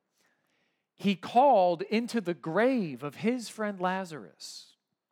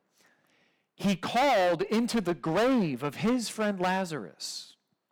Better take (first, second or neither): first